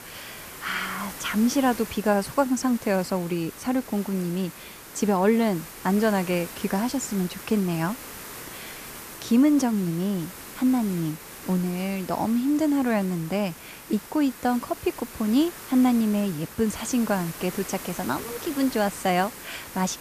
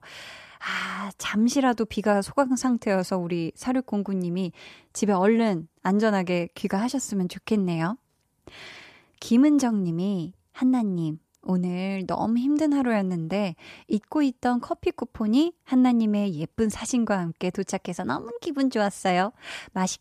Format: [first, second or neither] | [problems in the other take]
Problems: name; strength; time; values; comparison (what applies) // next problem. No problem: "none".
second | hiss; noticeable; throughout; 15 dB below the speech